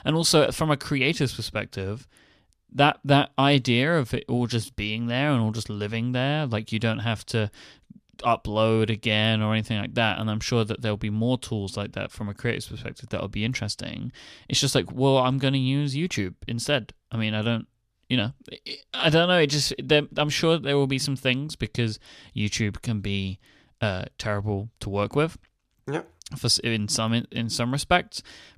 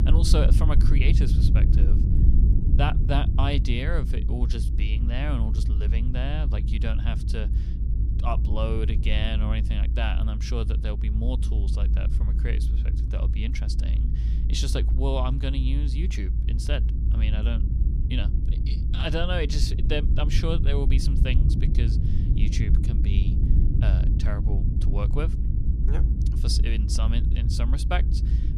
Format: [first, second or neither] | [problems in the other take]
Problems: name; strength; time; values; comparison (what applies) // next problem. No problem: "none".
first | low rumble; loud; throughout; 7 dB below the speech